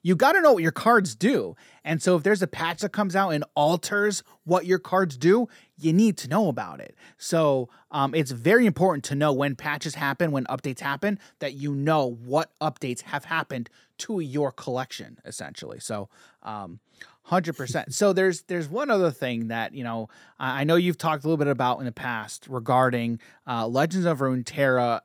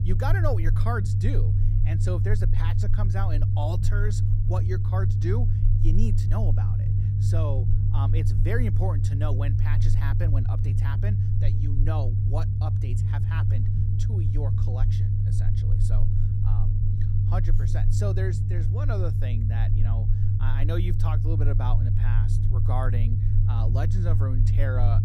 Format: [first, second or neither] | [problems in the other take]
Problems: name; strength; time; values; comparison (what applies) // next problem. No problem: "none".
first | low rumble; loud; throughout; 1 dB below the speech